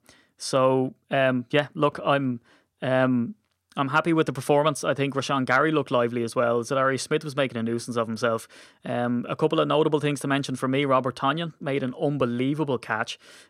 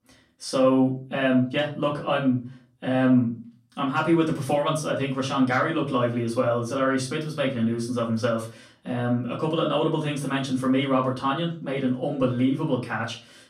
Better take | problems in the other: first | off-mic speech; far // room echo; slight; dies away in 0.3 s

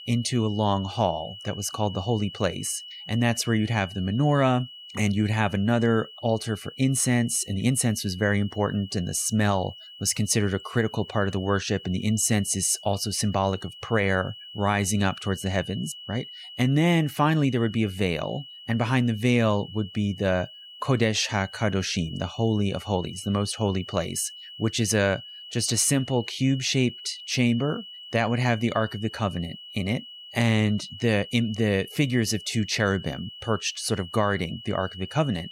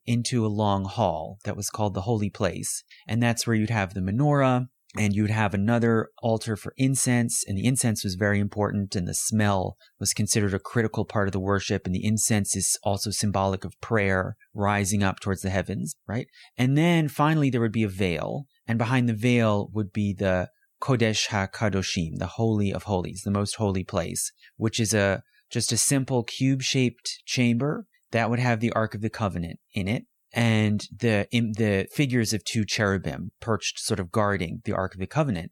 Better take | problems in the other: second | high-pitched whine; noticeable; throughout; 3 kHz, 15 dB below the speech

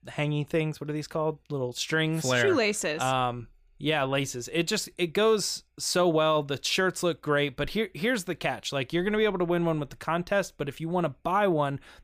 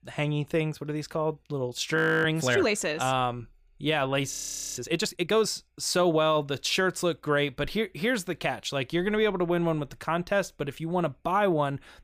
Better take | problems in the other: first | audio freezing; at 2 s and at 4.5 s

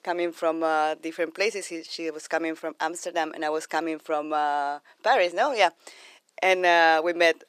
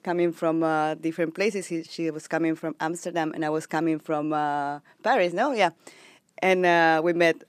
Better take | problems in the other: second | thin; somewhat; fading below 500 Hz

